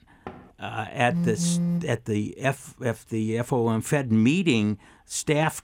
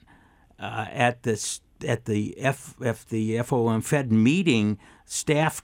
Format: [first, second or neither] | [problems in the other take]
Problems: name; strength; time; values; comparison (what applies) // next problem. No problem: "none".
second | door banging; faint; at 0.5 s; peak 15 dB below the speech // phone ringing; loud; at 1 s; peak 1 dB above the speech